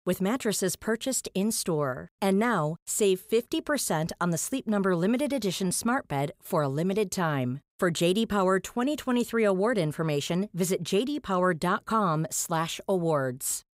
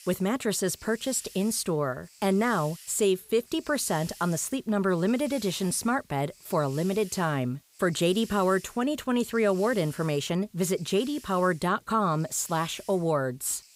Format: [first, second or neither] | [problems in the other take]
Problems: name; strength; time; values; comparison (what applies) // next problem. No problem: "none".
first | hiss; faint; throughout; 20 dB below the speech